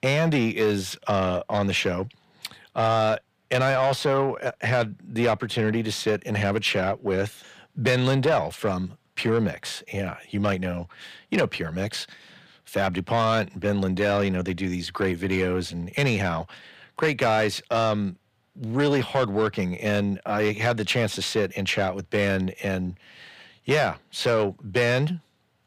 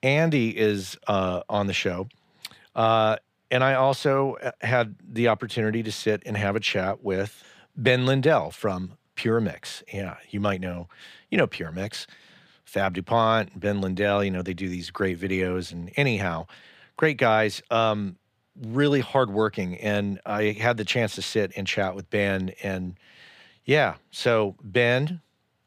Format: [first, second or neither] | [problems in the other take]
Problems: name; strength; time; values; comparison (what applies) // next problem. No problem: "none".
second | distortion; slight; 10 dB below the speech